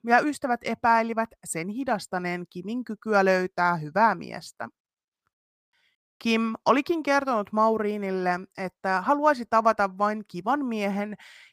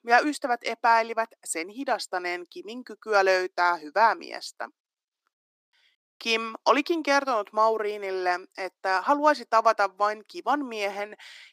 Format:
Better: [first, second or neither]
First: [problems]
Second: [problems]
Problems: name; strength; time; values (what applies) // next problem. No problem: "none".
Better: first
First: none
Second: thin; somewhat; fading below 300 Hz